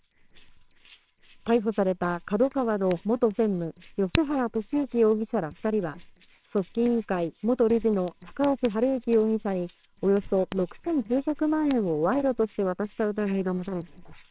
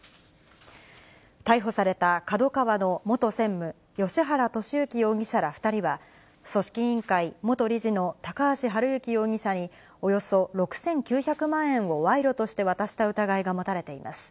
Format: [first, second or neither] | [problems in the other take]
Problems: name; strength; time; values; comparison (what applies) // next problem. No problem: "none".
second | noise reduction (neural separator model SepFormer WHAMR!)